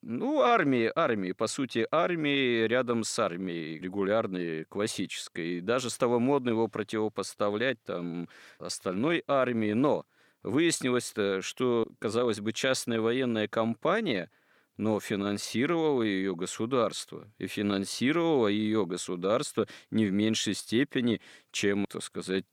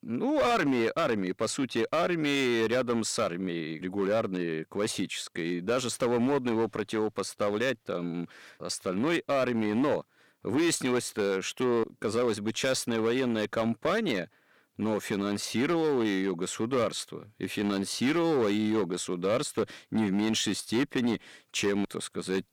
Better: first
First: none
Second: distortion; slight; 8% of the sound clipped

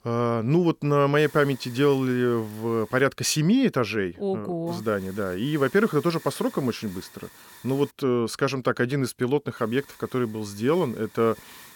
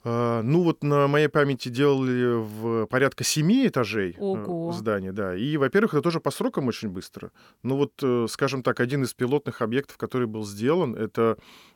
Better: second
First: hiss; faint; from 1 to 3 s, from 4.5 to 8 s and from 9.5 s on; 20 dB below the speech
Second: none

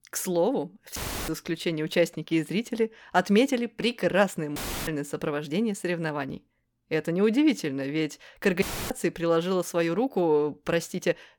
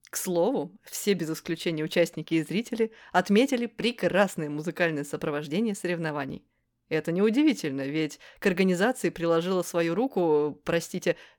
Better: second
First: audio cutting out; filled with static; at 1 s, at 4.5 s and at 8.5 s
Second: none

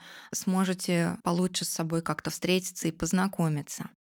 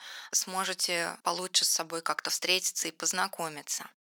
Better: first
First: none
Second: thin; very; fading below 650 Hz

